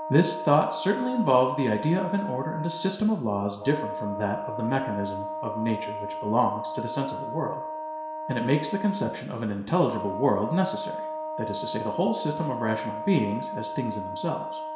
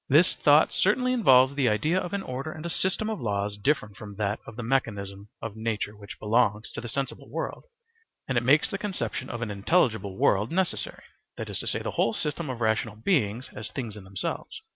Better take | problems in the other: second | background sound (Wind instrument, woodwind instrument); 7 dB below the speech // room echo; dies away in 0.7 s

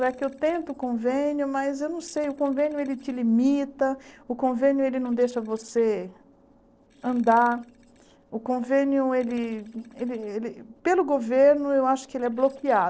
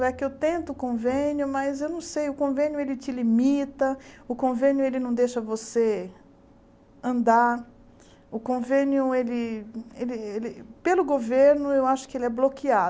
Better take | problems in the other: second | noise reduction (neural separator model SepFormer DNS4)

